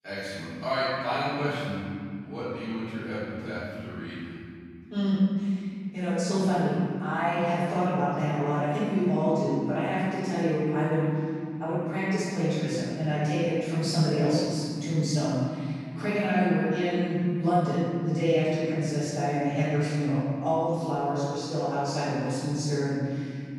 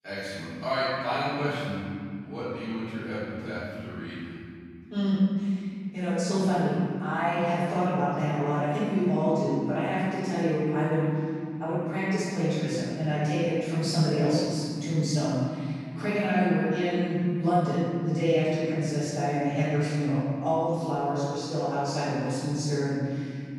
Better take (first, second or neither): neither